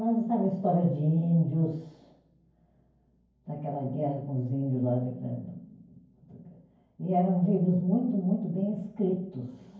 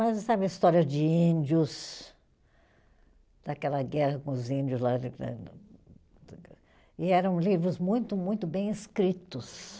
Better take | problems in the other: second | room echo; dies away in 0.9 s

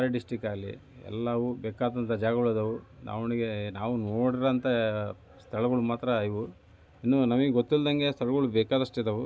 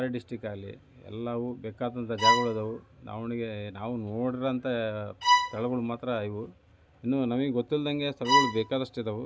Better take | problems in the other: first | background sound (Bowed string instrument); 5 dB above the speech

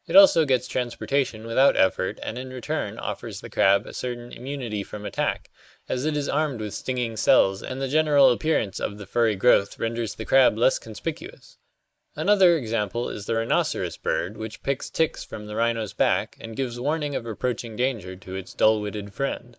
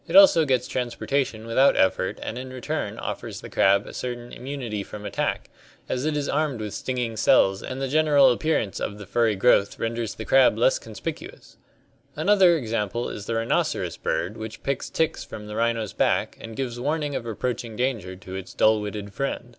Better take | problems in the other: second | noise reduction (neural mask model Resemble Enhance denoiser)

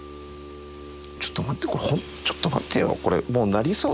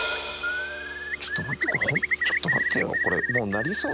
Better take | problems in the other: first | background sound (Hi-hat + Bird); 4 dB above the speech

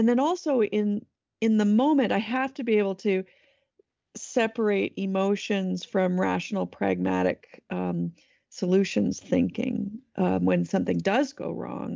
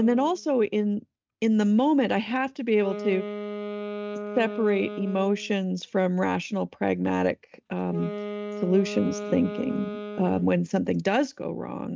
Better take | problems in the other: first | noise reduction (neural mask model RNNoise)

